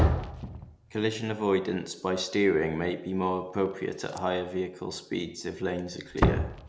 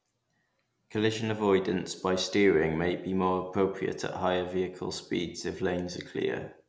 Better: second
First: background sound (Slam); 3 dB below the speech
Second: none

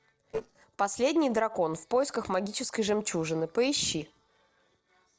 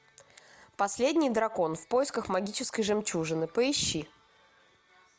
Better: second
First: noise reduction (neural separator model SepFormer DNS4)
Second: none

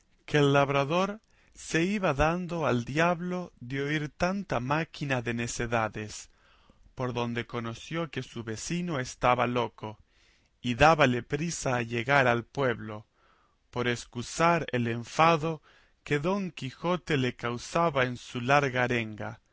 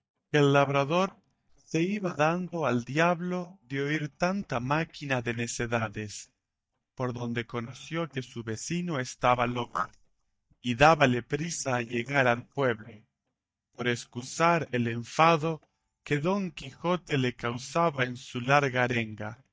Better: first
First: none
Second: noise reduction (neural mask model DeepFilterNet 3)

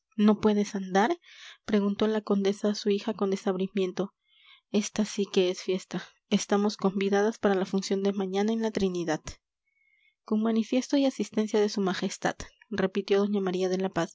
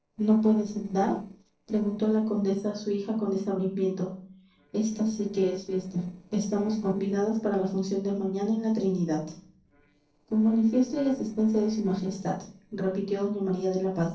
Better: first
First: none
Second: noise reduction (neural separator model SepFormer DNS4)

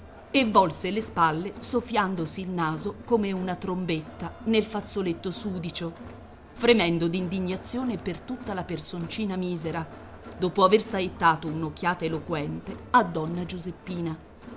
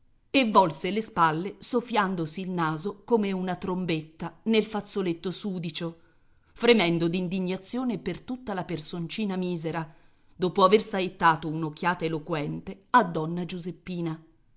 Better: second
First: background sound (Crowd); 16 dB below the speech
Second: none

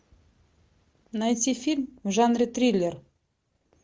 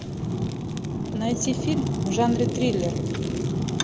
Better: first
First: none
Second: background sound (Fire); 2 dB above the speech

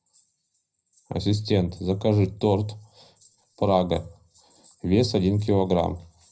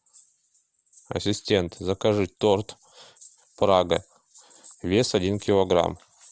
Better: second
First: room echo; dies away in 0.4 s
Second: none

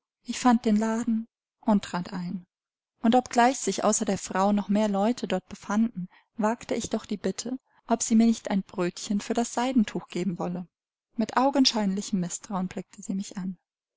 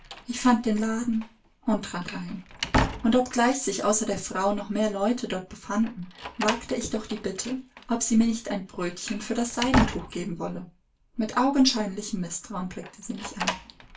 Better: first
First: none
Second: background sound (Slam); 8 dB below the speech // room echo; dies away in 0.2 s

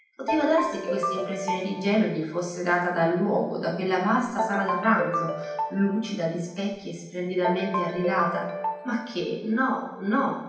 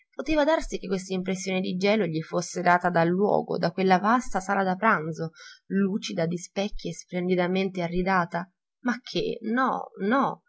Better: second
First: background sound (Ringtone); 5 dB below the speech // room echo; dies away in 0.9 s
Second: none

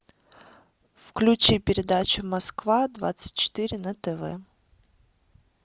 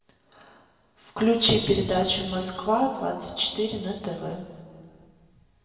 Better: first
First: none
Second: room echo; dies away in 2 s

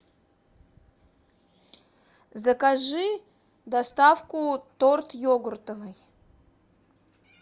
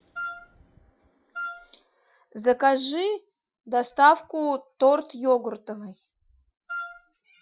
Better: first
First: none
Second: noise reduction (classical method Wiener filter)

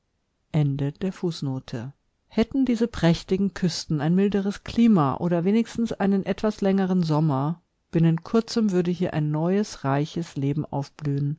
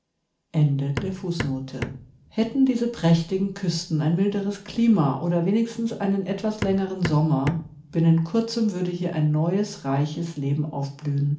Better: first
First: none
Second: background sound (Hammer); 10 dB below the speech // room echo; dies away in 0.4 s

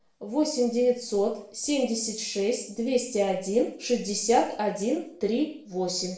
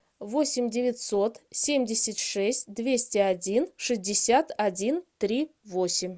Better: second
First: room echo; dies away in 0.5 s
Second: none

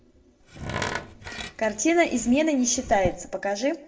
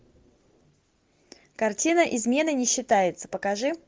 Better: second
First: background sound (Tools); 10 dB below the speech // room echo; dies away in 0.3 s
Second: none

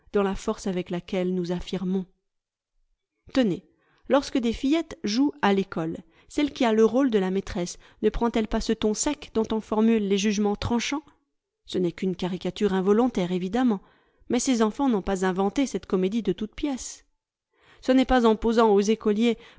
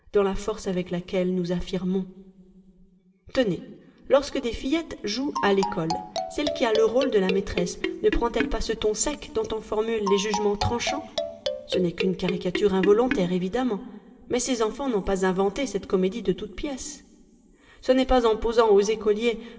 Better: first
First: none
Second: background sound (Marimba, xylophone); 6 dB below the speech // room echo; dies away in 2.6 s

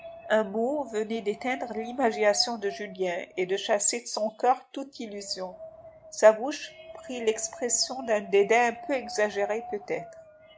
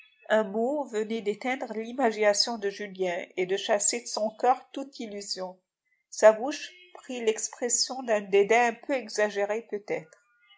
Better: second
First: background sound (Wind); 17 dB below the speech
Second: none

